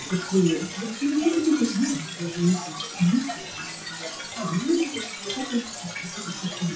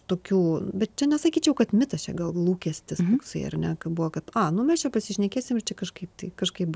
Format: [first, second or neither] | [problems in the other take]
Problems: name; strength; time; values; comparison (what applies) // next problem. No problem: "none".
second | noise reduction (classical method WPE with log-MMSE)